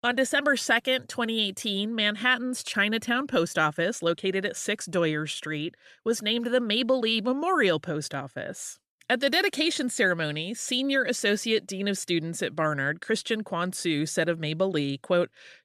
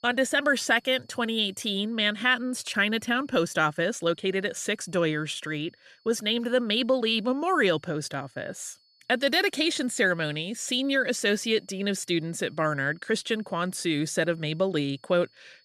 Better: first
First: none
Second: high-pitched whine; faint; throughout; 4.5 kHz, 35 dB below the speech

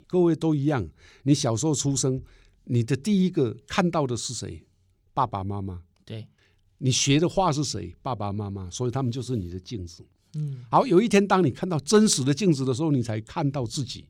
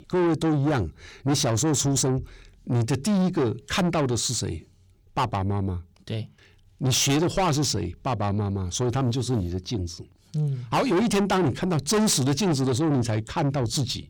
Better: first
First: none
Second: distortion; heavy; 6 dB below the speech

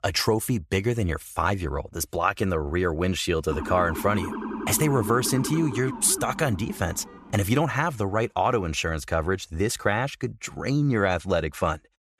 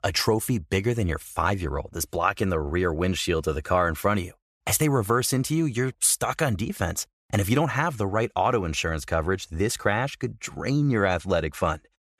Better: second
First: siren; noticeable; from 3.5 to 7.5 s; peak 6 dB below the speech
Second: none

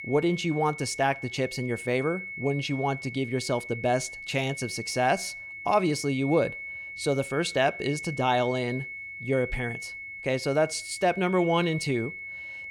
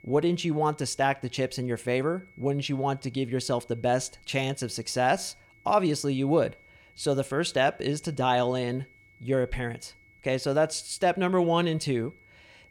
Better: second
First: high-pitched whine; loud; throughout; 2 kHz, 9 dB below the speech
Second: high-pitched whine; faint; throughout; 2 kHz, 30 dB below the speech

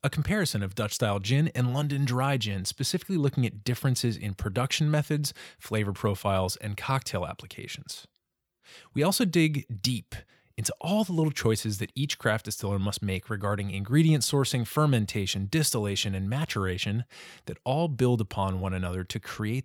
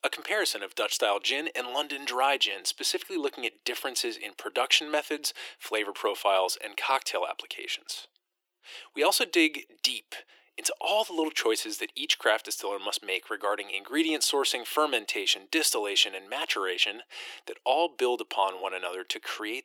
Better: first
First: none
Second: thin; very; fading below 300 Hz

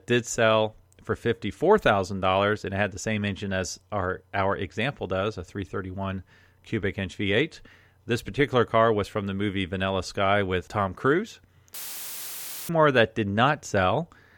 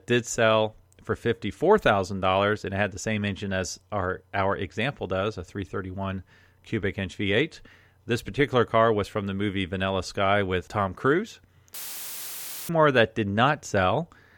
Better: neither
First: audio cutting out; filled with static; at 12 s for 1 s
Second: audio cutting out; filled with static; at 12 s for 1 s

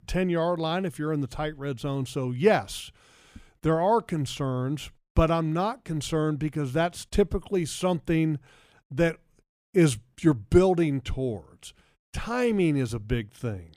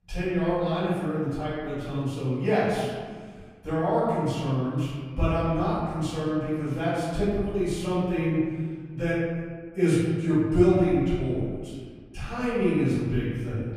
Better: first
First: none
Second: off-mic speech; far // room echo; strong; dies away in 1.7 s

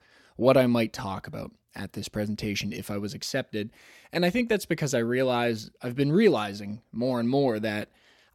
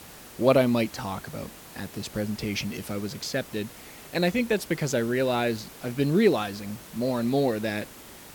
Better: first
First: none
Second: hiss; noticeable; throughout; 15 dB below the speech

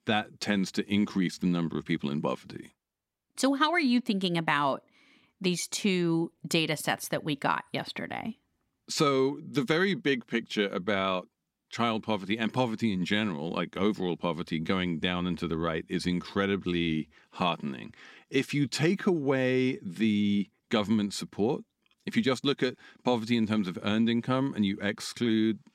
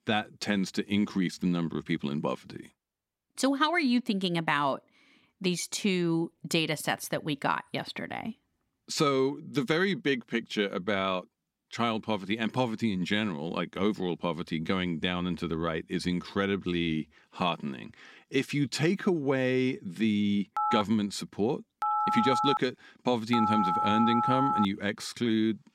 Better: first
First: none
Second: phone ringing; loud; from 21 to 25 s; peak 2 dB above the speech

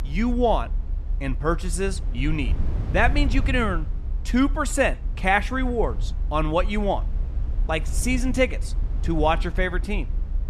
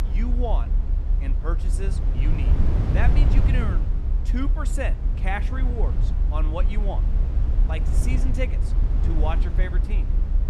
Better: first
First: low rumble; faint; throughout; 20 dB below the speech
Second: low rumble; loud; throughout; 5 dB below the speech

